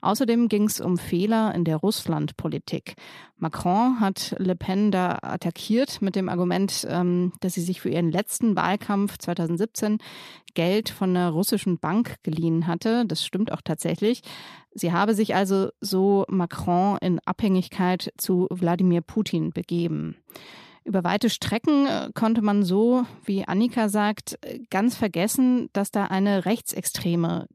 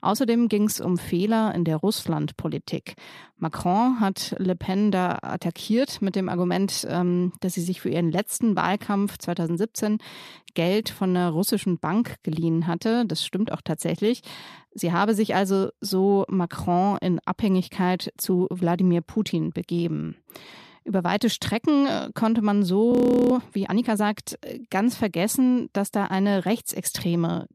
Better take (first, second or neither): first